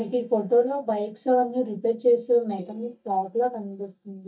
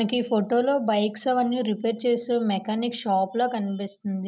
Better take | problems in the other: second | noise reduction (neural mask model DeepFilterNet 3)

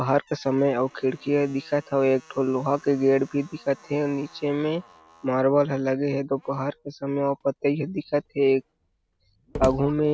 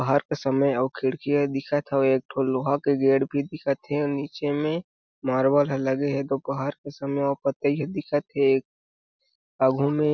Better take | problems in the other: second | background sound (Slam); 19 dB below the speech

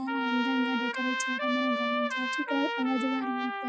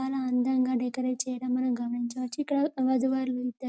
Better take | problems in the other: second | noise reduction (classical method log-MMSE)

